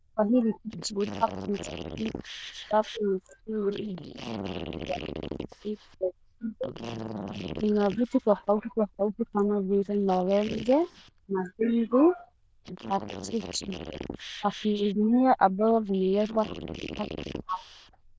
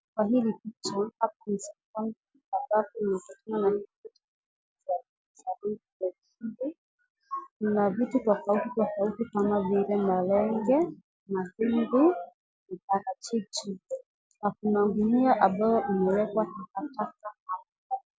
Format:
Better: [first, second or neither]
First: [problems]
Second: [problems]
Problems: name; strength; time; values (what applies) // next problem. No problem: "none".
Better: second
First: noise reduction (neural diffusion model UNIVERSE++)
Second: none